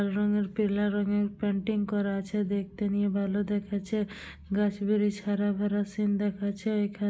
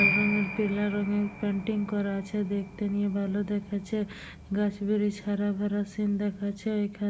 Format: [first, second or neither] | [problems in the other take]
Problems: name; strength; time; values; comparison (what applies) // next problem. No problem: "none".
first | background sound (Piano); 8 dB below the speech